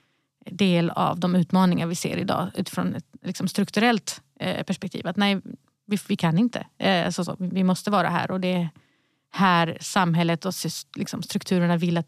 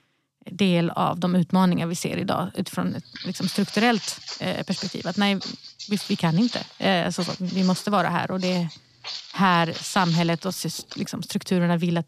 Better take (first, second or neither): first